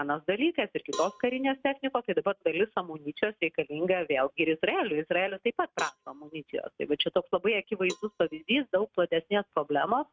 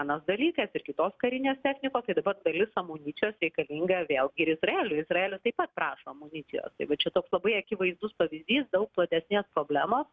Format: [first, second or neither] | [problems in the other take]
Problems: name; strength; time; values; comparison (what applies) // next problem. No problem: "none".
second | noise reduction (neural mask model RNNoise)